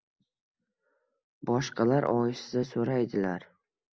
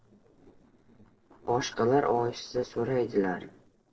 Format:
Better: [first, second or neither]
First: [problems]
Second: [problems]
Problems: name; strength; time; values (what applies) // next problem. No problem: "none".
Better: first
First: none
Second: noise reduction (neural separator model SepFormer DNS4)